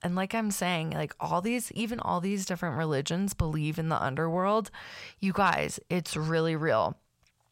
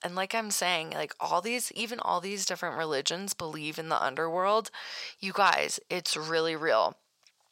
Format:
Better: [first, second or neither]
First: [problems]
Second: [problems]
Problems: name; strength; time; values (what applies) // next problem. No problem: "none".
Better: first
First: none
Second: thin; somewhat; fading below 400 Hz